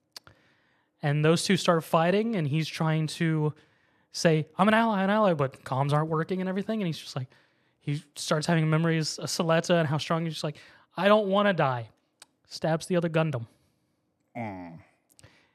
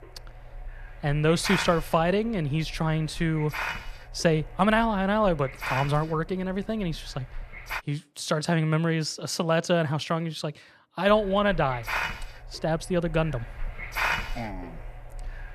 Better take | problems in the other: first | hiss; loud; until 8 s and from 11 s on; 9 dB below the speech

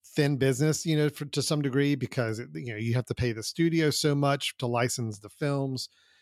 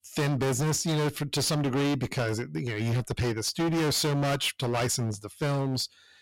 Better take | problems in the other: first | distortion; heavy; 27% of the sound clipped

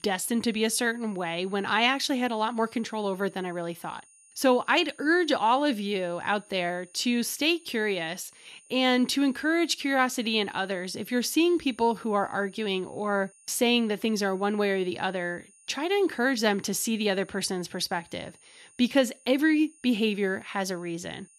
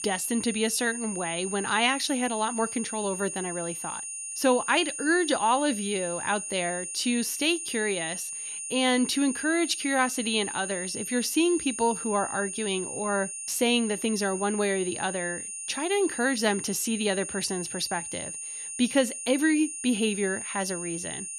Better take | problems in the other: first | high-pitched whine; loud; throughout; 9 kHz, 6 dB below the speech; faint in the first

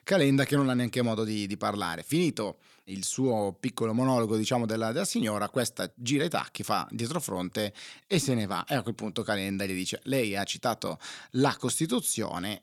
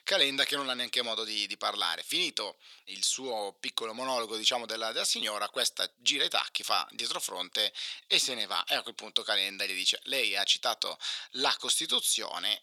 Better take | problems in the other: first | thin; very; fading below 650 Hz

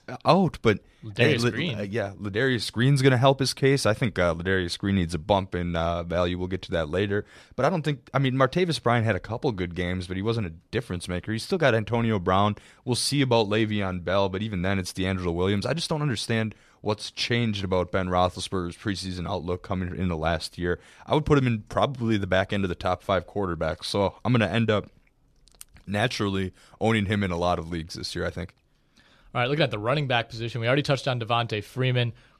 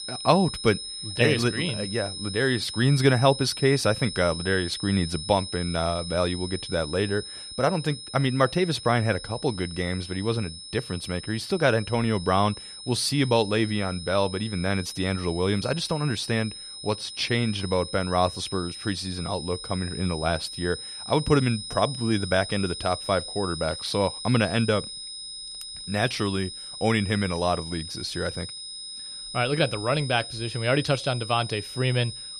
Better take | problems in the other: first | high-pitched whine; loud; throughout; 5 kHz, 9 dB below the speech

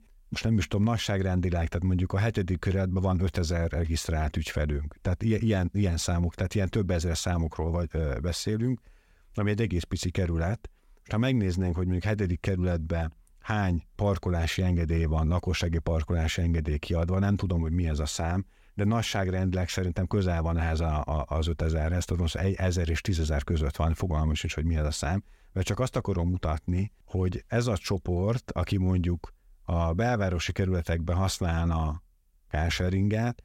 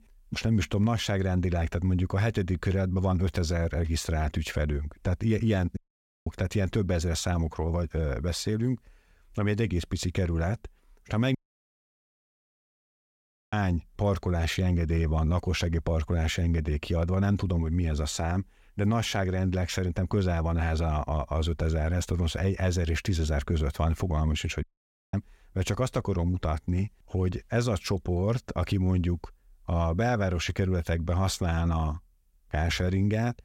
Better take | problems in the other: first | audio cutting out; at 6 s, at 11 s for 2 s and at 25 s for 0.5 s

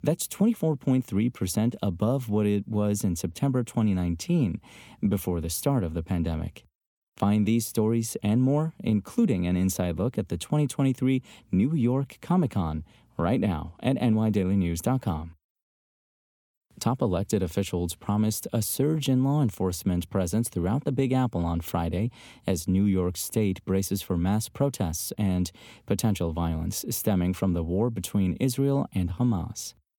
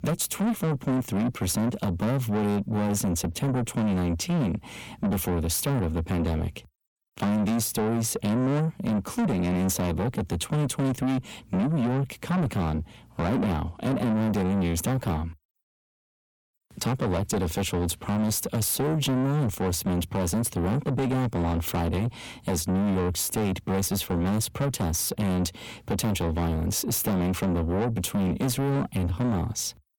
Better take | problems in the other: first | distortion; heavy; 7 dB below the speech

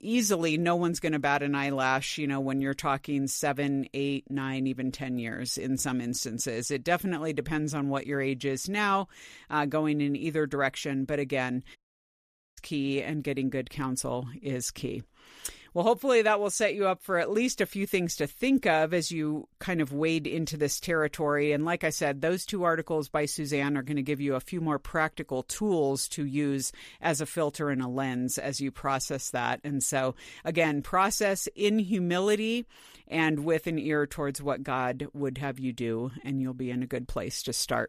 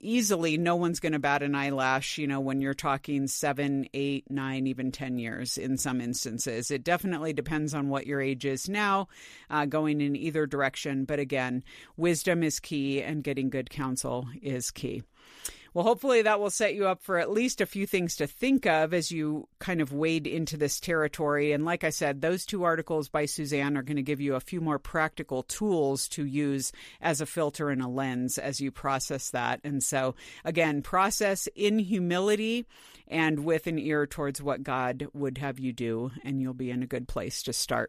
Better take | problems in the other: second | audio cutting out; at 12 s for 1 s

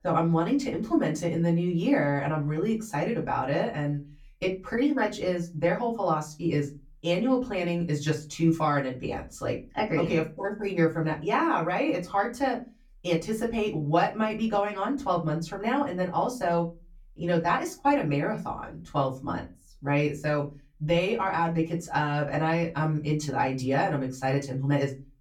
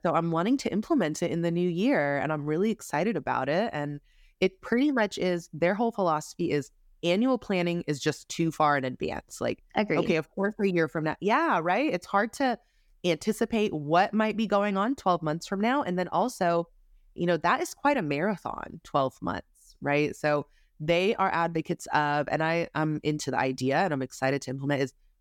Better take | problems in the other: second | off-mic speech; far // room echo; very slight; dies away in 0.2 s

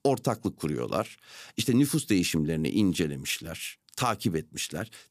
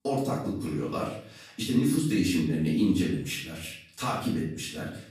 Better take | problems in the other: first | off-mic speech; far // room echo; noticeable; dies away in 0.6 s

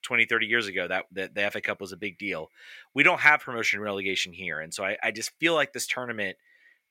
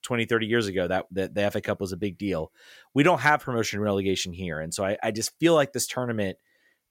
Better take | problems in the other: second | thin; somewhat; fading below 250 Hz

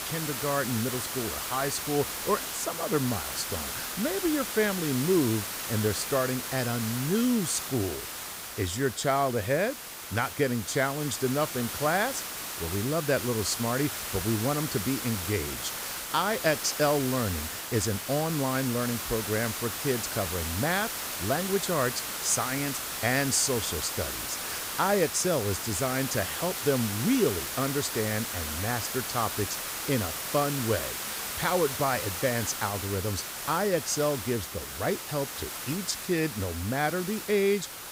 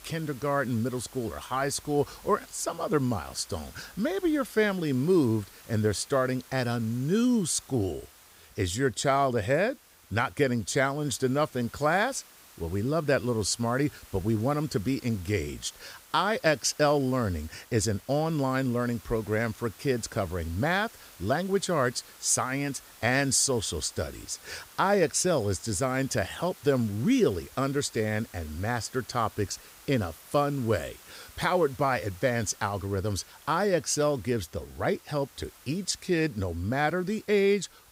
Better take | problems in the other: second | hiss; loud; throughout; 4 dB below the speech; faint in the second

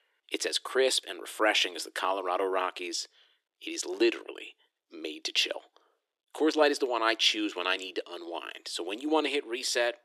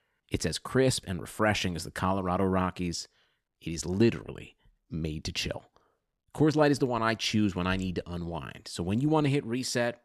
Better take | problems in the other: second | thin; very; fading below 300 Hz

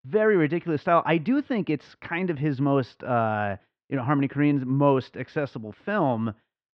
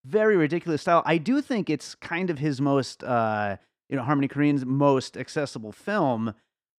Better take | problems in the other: second | muffled; slightly; fading above 3.5 kHz

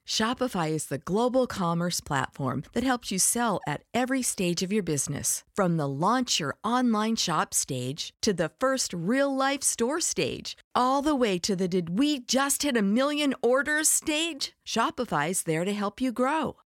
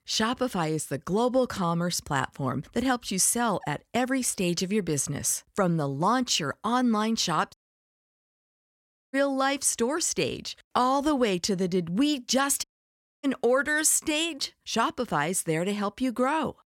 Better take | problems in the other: first | audio cutting out; at 7.5 s for 1.5 s and at 13 s for 0.5 s

